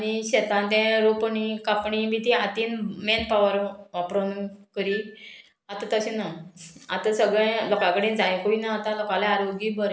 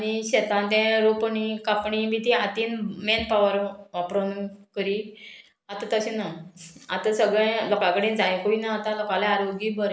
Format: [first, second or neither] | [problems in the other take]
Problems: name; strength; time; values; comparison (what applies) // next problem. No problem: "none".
second | background sound (Wind instrument, woodwind instrument); 20 dB below the speech